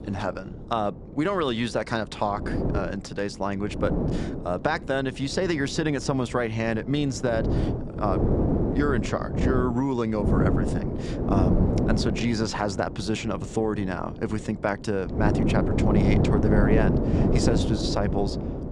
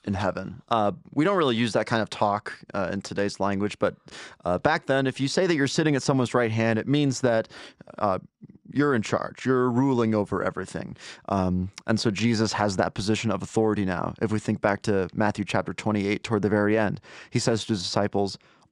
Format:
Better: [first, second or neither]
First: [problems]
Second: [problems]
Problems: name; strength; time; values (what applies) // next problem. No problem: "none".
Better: second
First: wind noise on the microphone; heavy; 3 dB below the speech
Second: none